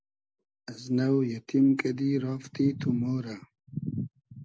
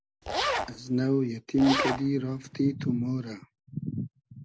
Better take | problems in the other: first | background sound (Zipper (clothing)); 3 dB below the speech

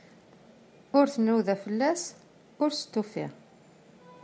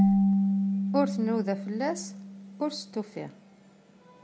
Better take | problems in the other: first | background sound (Marimba, xylophone / Wood); 4 dB above the speech

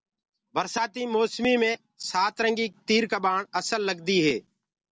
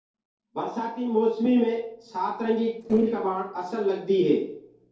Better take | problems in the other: first | noise reduction (neural separator model SepFormer DNS4)

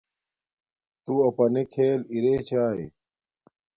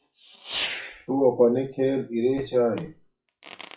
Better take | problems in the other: first | noise reduction (classical method WPE with log-MMSE)

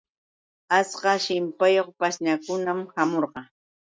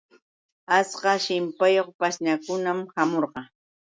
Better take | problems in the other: second | noise reduction (neural mask model DeepFilterNet 3)

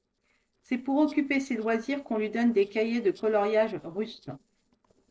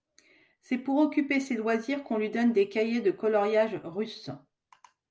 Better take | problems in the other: second | noise reduction (neural separator model SepFormer DNS4)

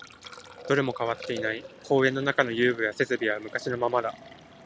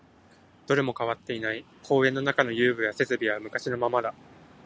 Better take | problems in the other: second | background sound (Liquid); 17 dB below the speech

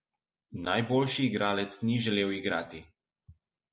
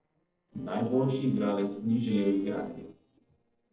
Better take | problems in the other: first | noise reduction (neural separator model SepFormer DNS4)

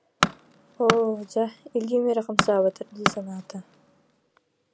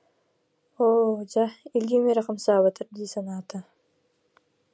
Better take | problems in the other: second | background sound (Tools); 3 dB below the speech

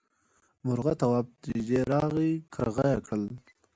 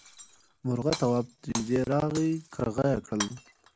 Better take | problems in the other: first | background sound (Shatter); 13 dB below the speech

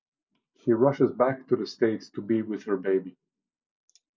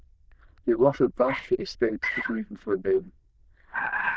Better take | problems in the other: first | noise reduction (neural diffusion model UNIVERSE++)

